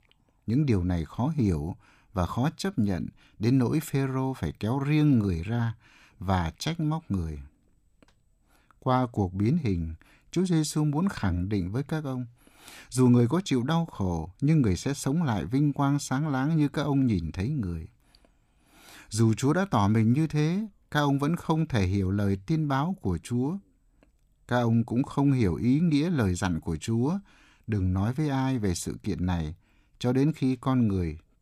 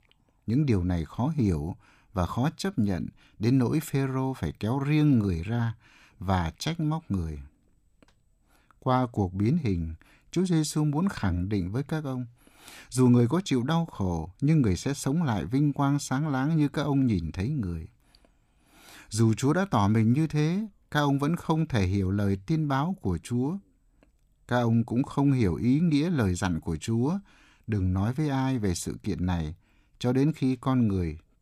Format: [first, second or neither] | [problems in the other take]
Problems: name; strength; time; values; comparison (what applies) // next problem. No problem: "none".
neither | none